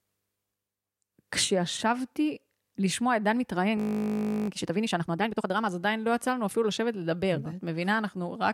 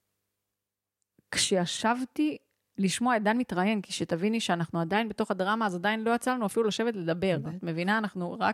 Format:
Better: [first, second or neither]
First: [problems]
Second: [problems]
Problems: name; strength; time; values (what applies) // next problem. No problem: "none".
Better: second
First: audio freezing; at 4 s for 0.5 s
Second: none